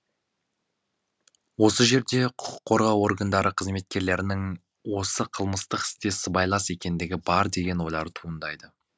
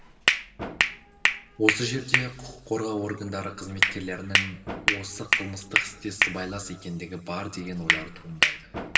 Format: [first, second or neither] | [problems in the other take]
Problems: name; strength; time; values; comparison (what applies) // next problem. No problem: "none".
first | background sound (Hands); 5 dB above the speech // room echo; dies away in 2.7 s